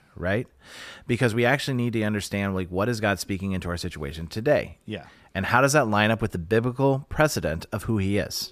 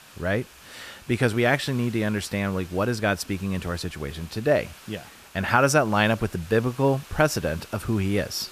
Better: first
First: none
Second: hiss; faint; throughout; 20 dB below the speech

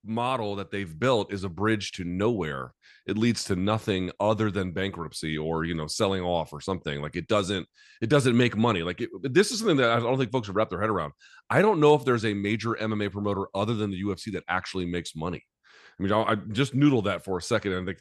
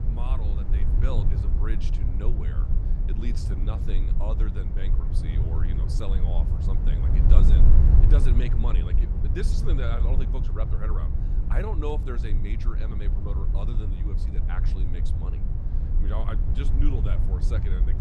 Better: first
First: none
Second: low rumble; loud; throughout; 2 dB below the speech

